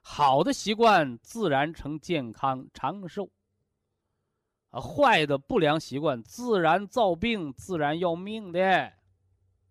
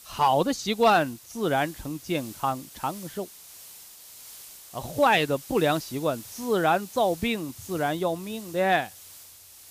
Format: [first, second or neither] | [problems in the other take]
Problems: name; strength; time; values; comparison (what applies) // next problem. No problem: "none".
first | hiss; noticeable; throughout; 15 dB below the speech